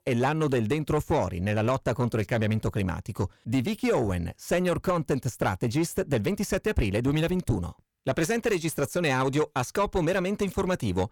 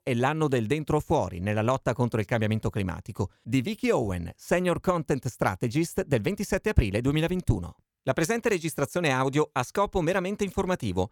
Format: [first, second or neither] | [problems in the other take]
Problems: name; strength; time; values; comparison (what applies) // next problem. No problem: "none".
second | distortion; slight; 10 dB below the speech